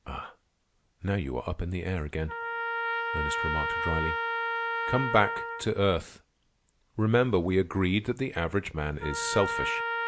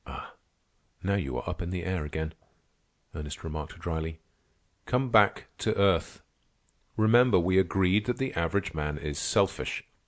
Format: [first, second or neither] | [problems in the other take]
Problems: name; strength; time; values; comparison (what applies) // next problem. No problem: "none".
second | background sound (Trumpet); 4 dB below the speech